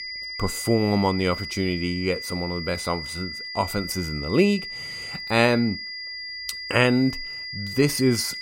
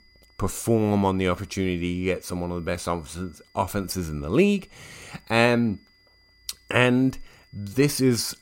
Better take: second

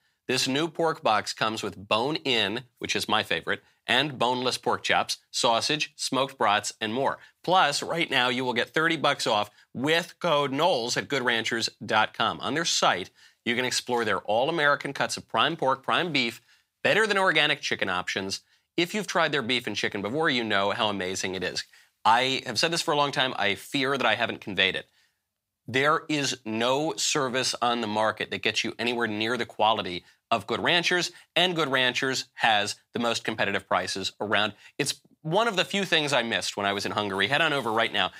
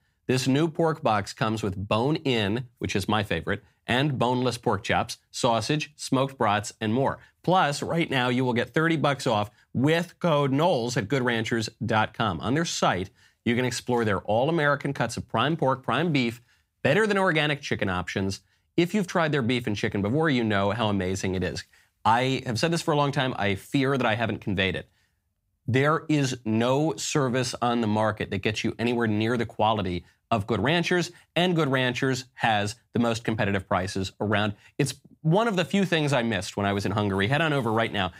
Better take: second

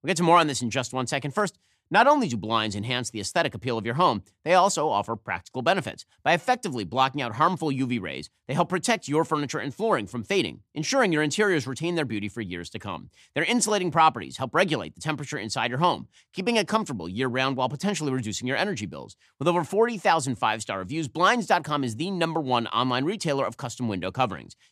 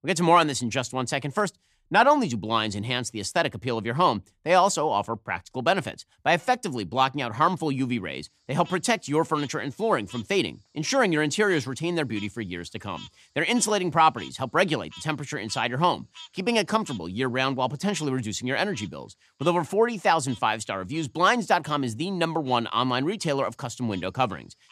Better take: first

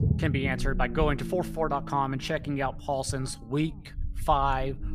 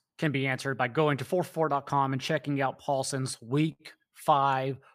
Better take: second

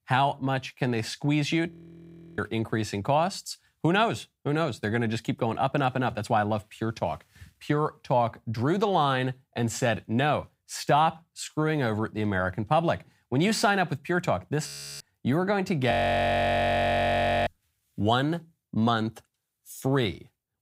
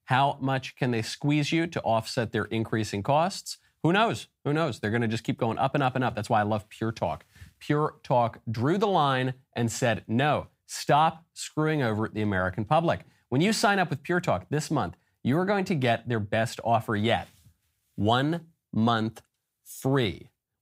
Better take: second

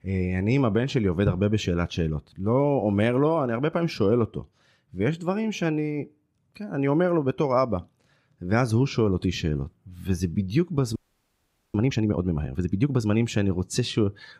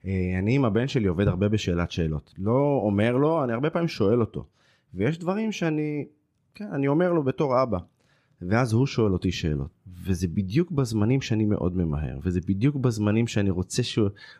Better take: second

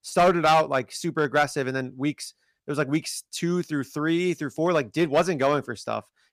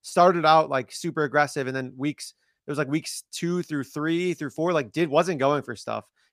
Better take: second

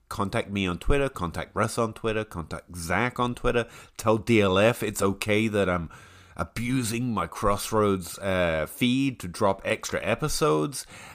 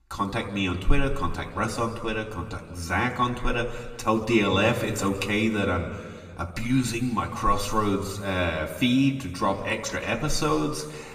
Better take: first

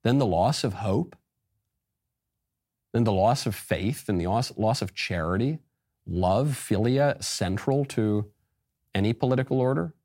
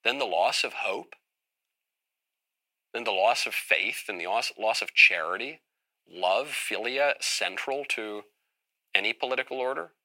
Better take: first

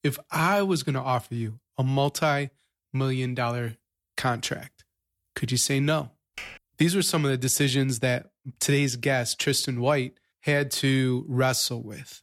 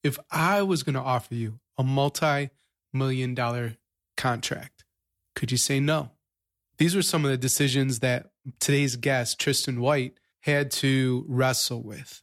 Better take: second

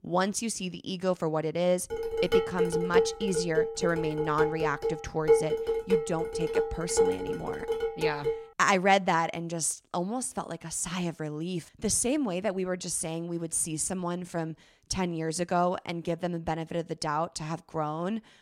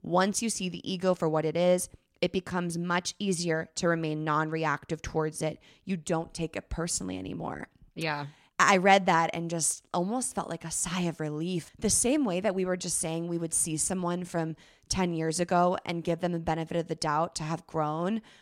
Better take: second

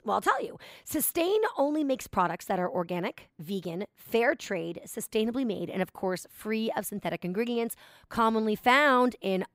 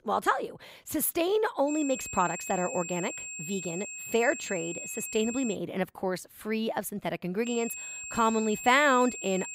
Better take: first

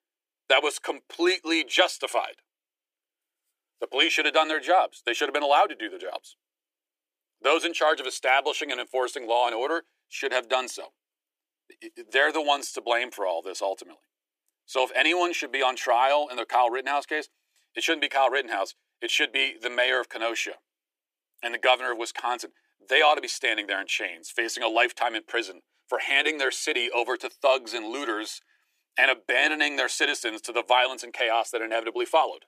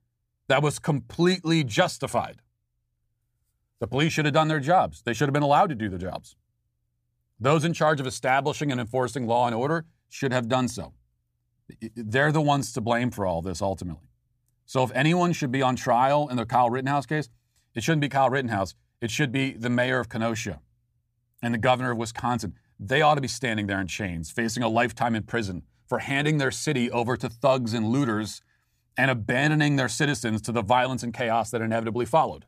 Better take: second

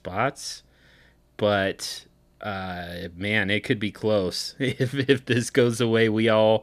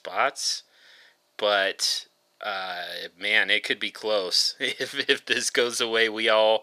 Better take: first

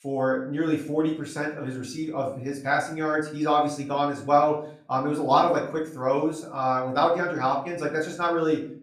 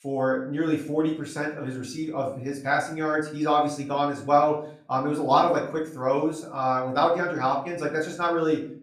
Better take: neither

